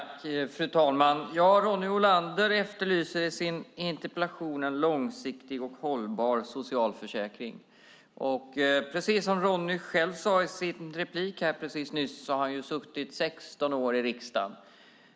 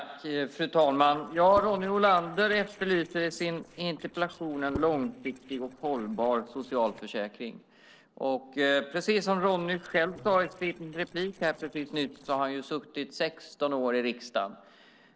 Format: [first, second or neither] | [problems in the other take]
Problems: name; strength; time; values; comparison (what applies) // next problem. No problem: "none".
first | noise reduction (neural separator model SepFormer DNS4)